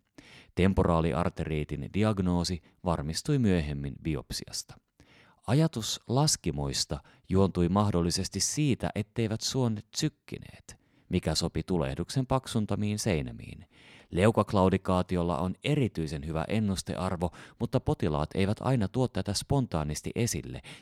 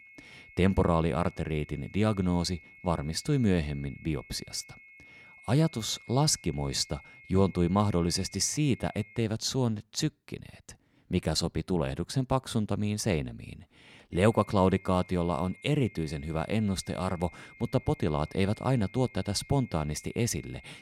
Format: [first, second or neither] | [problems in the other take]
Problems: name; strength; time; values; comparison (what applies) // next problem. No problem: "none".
first | high-pitched whine; faint; until 9 s and from 14 s on; 2 kHz, 20 dB below the speech